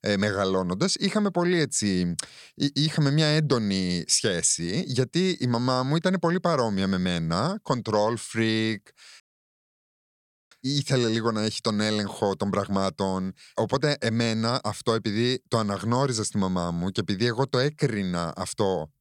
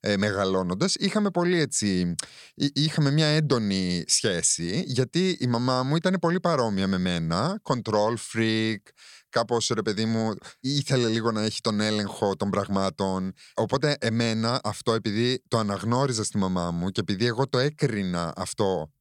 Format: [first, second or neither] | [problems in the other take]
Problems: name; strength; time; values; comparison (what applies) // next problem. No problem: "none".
second | audio cutting out; at 9 s for 1.5 s